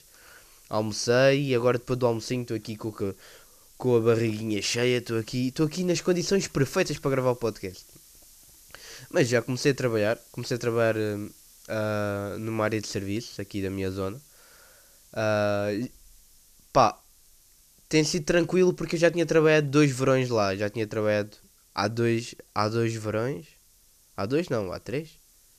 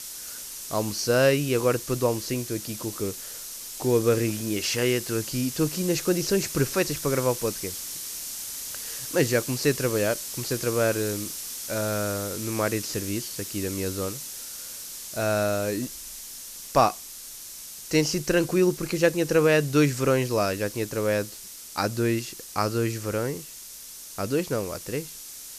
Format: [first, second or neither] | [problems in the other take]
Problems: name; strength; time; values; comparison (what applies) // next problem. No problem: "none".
first | hiss; loud; throughout; 8 dB below the speech; faint in the first